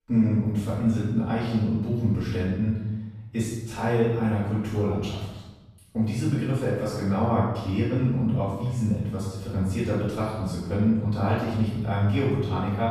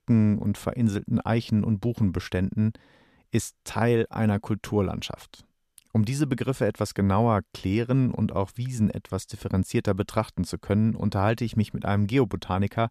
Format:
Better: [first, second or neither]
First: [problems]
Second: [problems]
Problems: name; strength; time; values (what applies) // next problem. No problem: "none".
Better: second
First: off-mic speech; far // room echo; strong; dies away in 1 s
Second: none